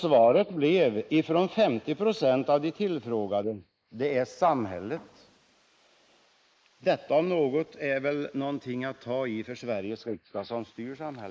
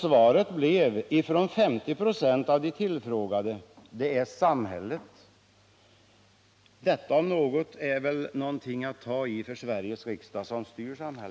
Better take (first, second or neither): second